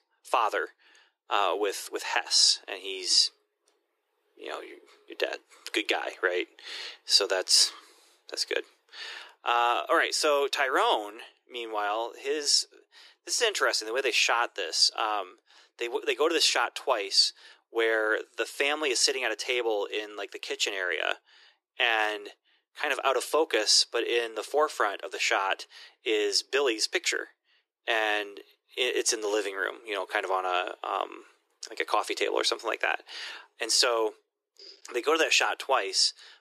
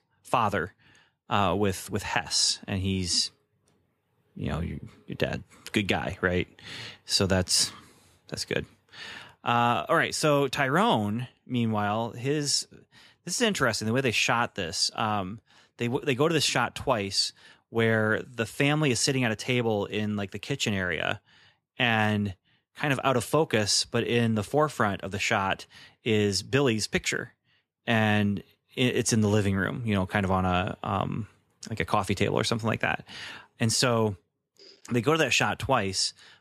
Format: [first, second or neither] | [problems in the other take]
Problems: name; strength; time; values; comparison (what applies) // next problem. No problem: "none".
second | thin; very; fading below 350 Hz